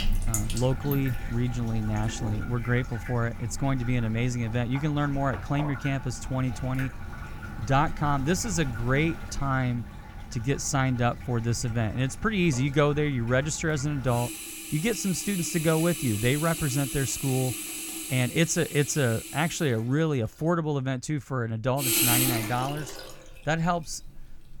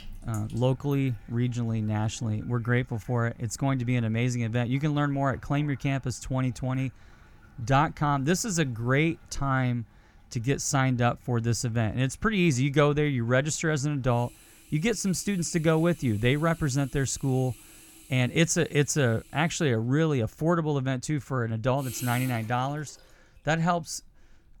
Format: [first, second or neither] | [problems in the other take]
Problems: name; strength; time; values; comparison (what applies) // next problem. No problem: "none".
second | household noises; loud; throughout; 6 dB below the speech; faint in the second